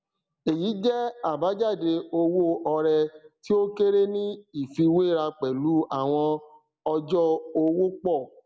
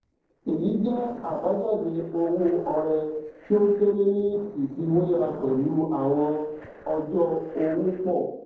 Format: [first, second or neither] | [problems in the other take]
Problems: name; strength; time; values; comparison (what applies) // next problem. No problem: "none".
first | noise reduction (neural separator model SepFormer DNS4)